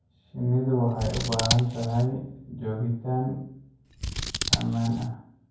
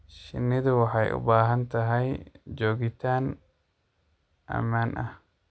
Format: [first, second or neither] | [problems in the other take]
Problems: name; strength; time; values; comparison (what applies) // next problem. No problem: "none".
second | background sound (Scissors); 3 dB below the speech // room echo; dies away in 0.9 s